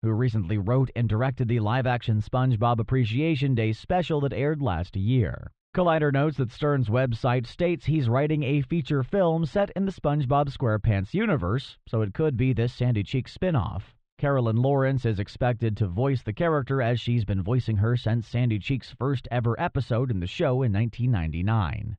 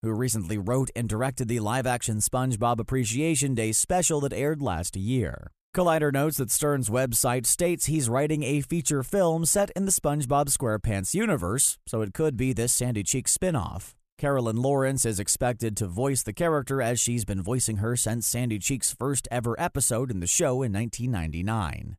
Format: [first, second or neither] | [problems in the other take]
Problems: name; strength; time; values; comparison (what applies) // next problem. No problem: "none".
second | muffled; very; fading above 4 kHz